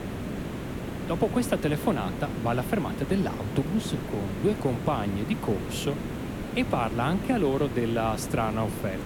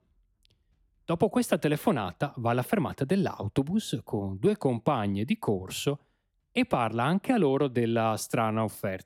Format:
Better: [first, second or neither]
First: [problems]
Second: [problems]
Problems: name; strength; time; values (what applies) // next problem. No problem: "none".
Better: second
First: hiss; loud; throughout; 6 dB below the speech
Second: none